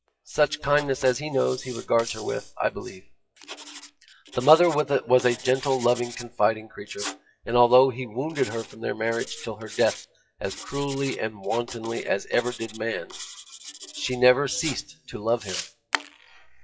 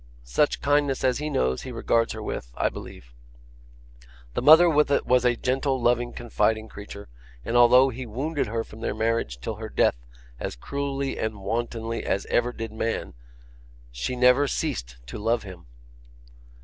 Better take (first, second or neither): second